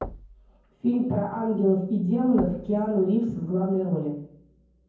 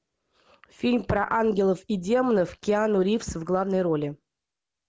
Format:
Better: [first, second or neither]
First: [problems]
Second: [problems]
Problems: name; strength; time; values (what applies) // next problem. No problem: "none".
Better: second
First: background sound (Knock / Wood / Percussion); 17 dB below the speech // room echo; dies away in 0.9 s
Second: none